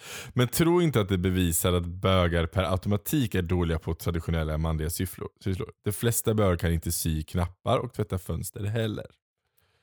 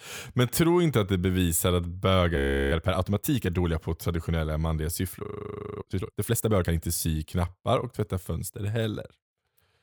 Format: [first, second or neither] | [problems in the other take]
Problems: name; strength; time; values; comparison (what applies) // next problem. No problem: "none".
first | audio freezing; at 2.5 s and at 5 s for 0.5 s